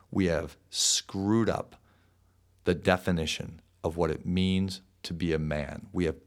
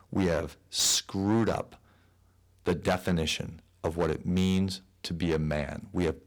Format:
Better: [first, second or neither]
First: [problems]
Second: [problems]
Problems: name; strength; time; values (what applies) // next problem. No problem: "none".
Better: first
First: none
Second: distortion; slight; 5% of the sound clipped